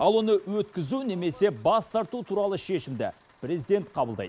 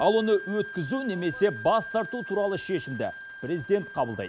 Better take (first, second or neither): first